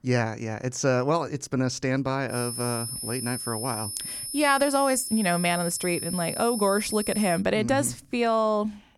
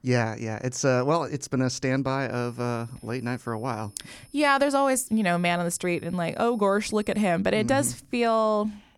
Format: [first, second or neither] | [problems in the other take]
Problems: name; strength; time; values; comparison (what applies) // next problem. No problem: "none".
second | high-pitched whine; loud; from 2.5 to 7.5 s; 9.5 kHz, 6 dB below the speech; faint in the second